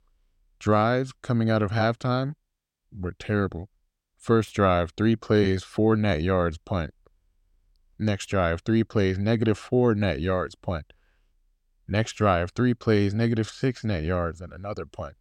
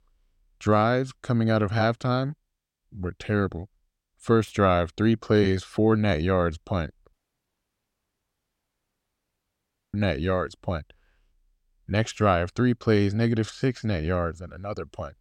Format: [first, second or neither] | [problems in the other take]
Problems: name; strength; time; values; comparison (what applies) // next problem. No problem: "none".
first | audio cutting out; at 7 s for 3 s